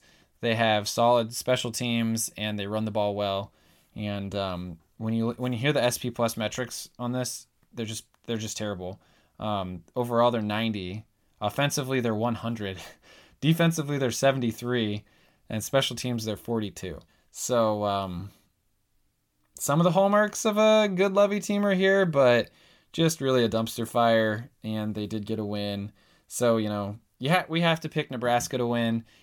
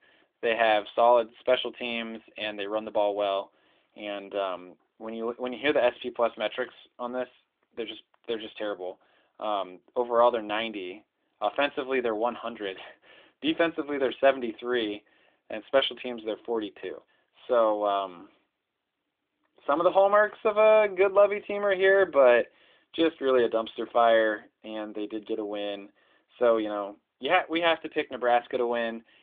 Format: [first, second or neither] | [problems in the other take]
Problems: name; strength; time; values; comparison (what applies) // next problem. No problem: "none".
first | phone-call audio; nothing above 3.5 kHz